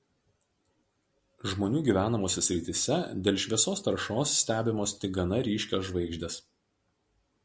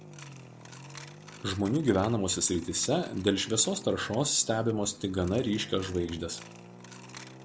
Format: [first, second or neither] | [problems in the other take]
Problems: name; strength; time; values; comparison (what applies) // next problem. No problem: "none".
first | background sound (Traffic noise, roadway noise + Coin (dropping)); 17 dB below the speech